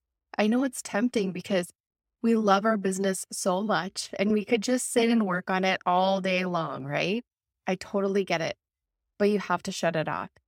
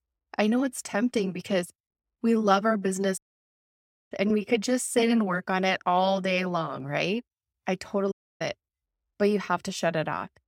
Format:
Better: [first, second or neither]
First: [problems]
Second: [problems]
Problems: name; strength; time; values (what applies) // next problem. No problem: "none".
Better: first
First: none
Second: audio cutting out; at 3 s for 1 s and at 8 s